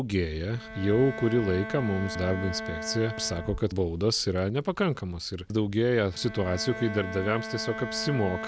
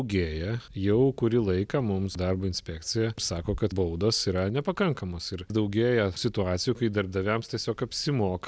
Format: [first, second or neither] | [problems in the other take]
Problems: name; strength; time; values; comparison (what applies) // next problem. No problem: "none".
second | background sound (Bowed string instrument); 11 dB below the speech